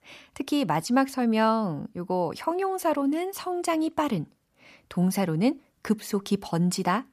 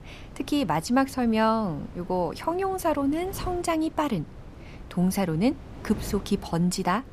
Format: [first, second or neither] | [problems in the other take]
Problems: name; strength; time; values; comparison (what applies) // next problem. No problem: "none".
first | wind noise on the microphone; occasional gusts; 20 dB below the speech